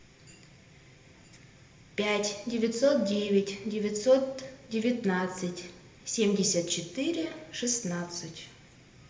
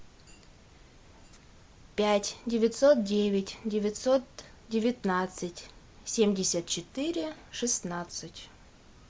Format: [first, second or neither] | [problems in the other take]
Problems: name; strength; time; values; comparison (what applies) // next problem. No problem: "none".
second | room echo; dies away in 0.8 s